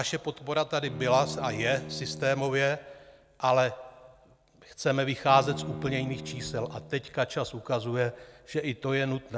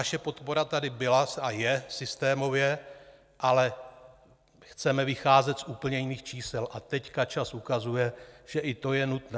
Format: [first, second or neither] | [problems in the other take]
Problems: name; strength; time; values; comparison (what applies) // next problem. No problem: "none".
second | background sound (Bowed string instrument); 12 dB below the speech